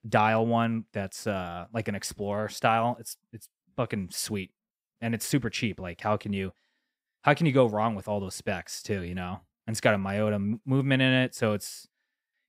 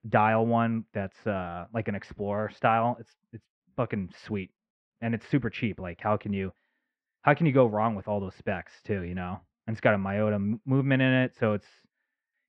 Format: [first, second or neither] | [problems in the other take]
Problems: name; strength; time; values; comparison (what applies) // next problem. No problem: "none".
first | muffled; very; fading above 2.5 kHz